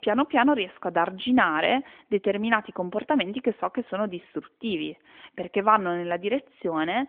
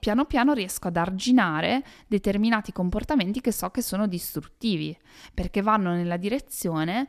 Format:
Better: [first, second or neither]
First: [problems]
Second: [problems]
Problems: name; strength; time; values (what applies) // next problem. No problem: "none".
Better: second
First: phone-call audio; nothing above 3.5 kHz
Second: none